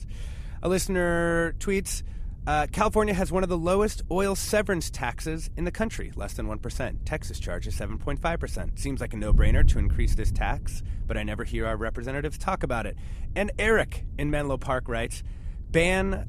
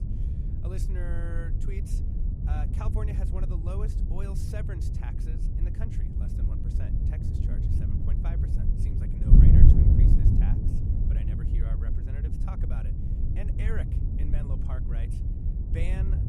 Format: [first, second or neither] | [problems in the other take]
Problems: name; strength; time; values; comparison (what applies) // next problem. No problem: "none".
first | wind noise on the microphone; heavy; 4 dB above the speech; occasional gusts in the first